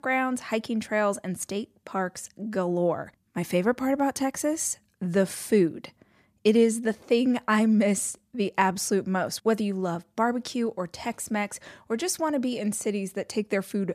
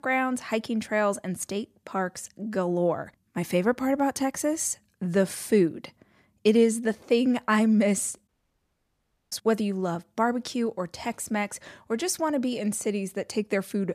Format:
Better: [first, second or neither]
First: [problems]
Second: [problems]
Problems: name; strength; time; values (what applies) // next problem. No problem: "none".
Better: first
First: none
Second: audio cutting out; at 8.5 s for 1 s